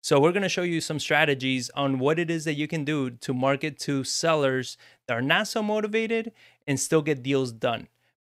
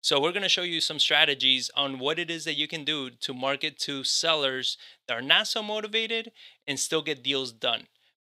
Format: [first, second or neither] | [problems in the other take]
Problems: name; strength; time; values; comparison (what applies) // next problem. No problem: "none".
first | thin; very slightly; fading below 500 Hz